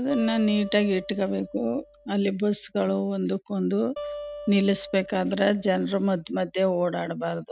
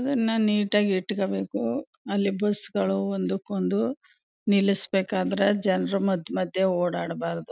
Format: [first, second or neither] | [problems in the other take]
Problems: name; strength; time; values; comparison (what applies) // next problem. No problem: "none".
second | background sound (Acoustic guitar); 16 dB below the speech